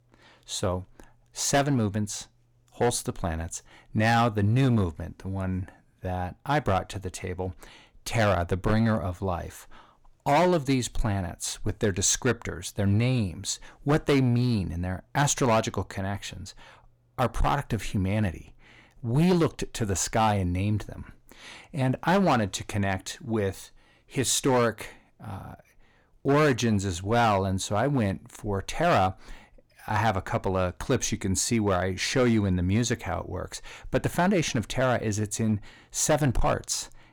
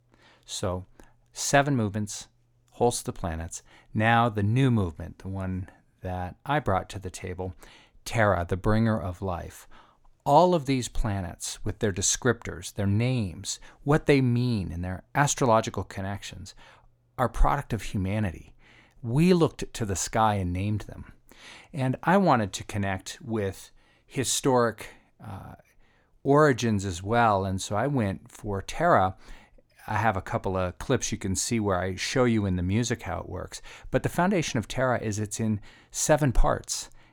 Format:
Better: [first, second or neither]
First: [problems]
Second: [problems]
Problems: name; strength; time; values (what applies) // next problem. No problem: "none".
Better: second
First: distortion; slight; 5% of the sound clipped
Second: none